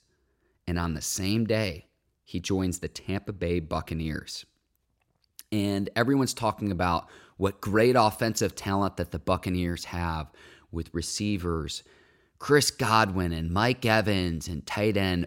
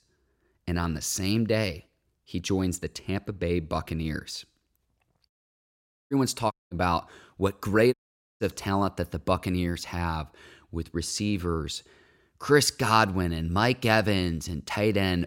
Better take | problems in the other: first | audio cutting out; at 5.5 s for 1 s, at 6.5 s and at 8 s

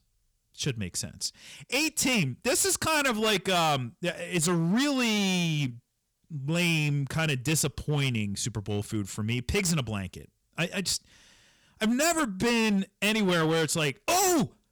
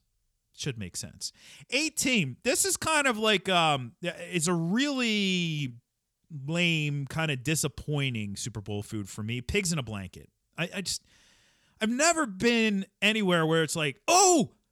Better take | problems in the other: second | distortion; heavy; 12% of the sound clipped

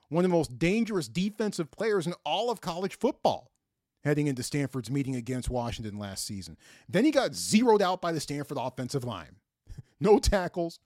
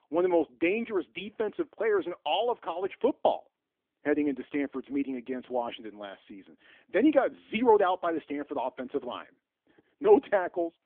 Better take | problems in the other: first | phone-call audio; nothing above 3.5 kHz

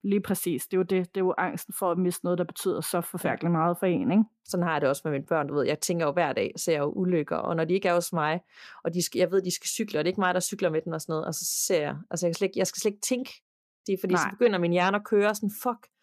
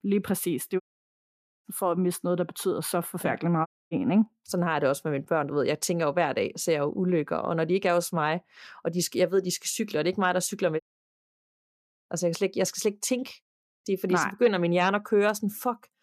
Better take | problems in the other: first | audio cutting out; at 1 s for 1 s, at 3.5 s and at 11 s for 1.5 s

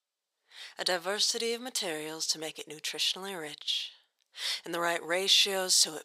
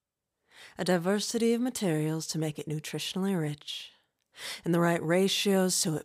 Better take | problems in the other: second | thin; very; fading below 550 Hz

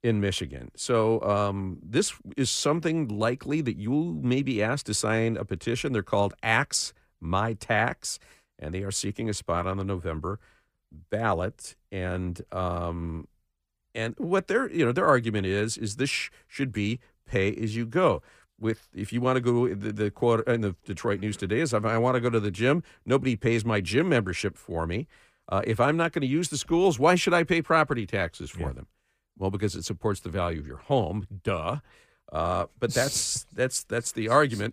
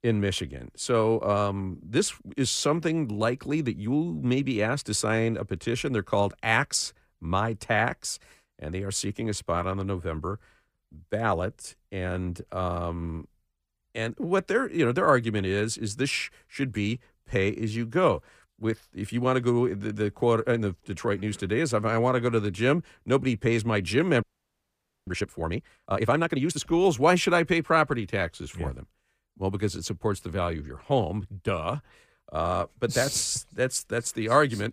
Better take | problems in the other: first | audio freezing; at 24 s for 1 s

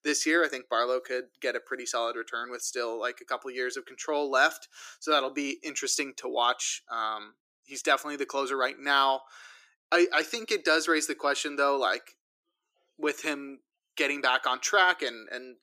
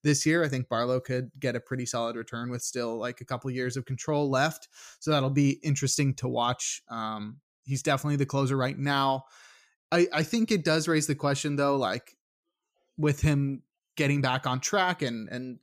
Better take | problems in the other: second | thin; very; fading below 350 Hz

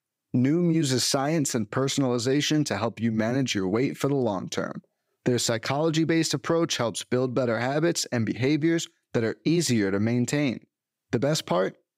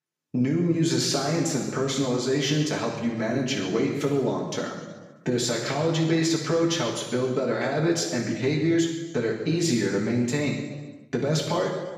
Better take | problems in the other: first | room echo; noticeable; dies away in 1.2 s // off-mic speech; far

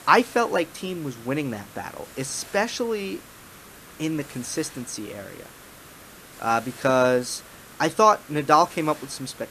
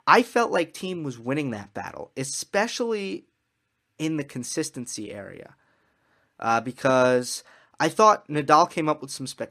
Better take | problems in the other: second | hiss; noticeable; throughout; 20 dB below the speech

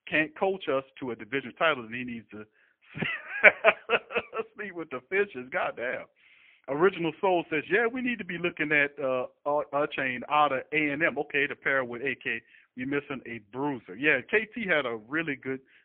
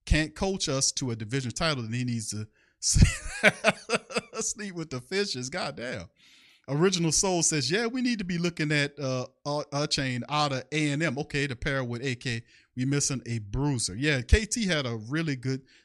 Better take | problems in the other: second | phone-call audio; poor line

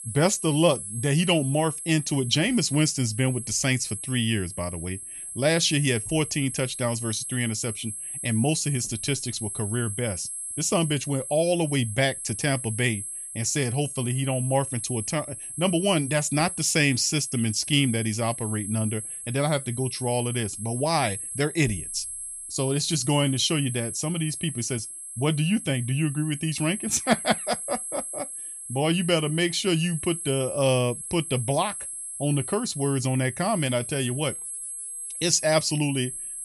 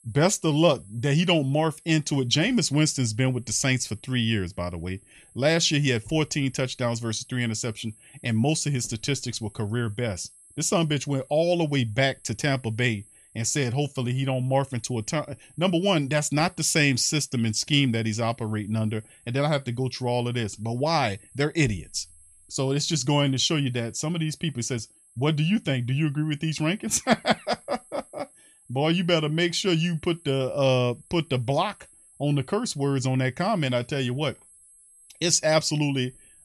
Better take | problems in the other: second | high-pitched whine; loud; throughout; 11 kHz, 7 dB below the speech; faint in the second

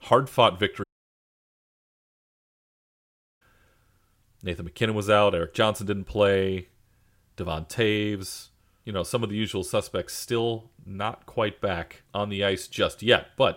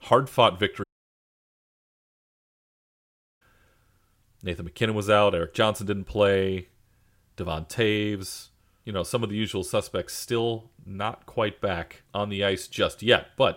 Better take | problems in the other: neither | audio cutting out; at 1 s for 2.5 s; the same in both

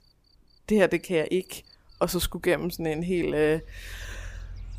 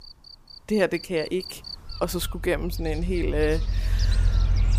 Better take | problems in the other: first | animal sounds; loud; throughout; 2 dB below the speech; faint in the first

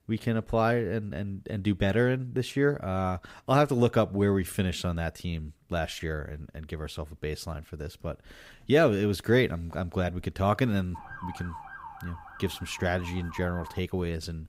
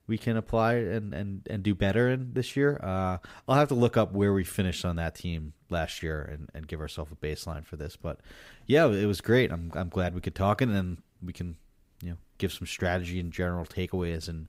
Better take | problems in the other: second | siren; faint; from 11 to 14 s; peak 10 dB below the speech

